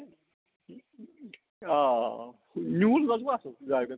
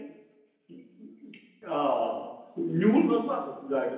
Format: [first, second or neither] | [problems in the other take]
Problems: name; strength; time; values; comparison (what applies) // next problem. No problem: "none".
first | room echo; dies away in 0.9 s